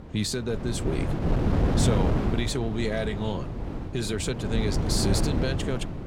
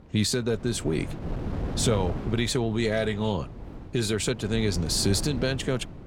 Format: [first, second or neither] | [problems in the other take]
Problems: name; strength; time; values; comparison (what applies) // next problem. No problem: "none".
second | wind noise on the microphone; heavy; 2 dB below the speech; occasional gusts in the second